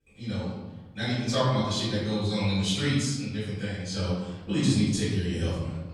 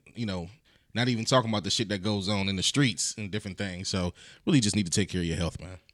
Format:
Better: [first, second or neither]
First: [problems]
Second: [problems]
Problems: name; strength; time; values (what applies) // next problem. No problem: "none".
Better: second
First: room echo; strong; dies away in 1.2 s // off-mic speech; far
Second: none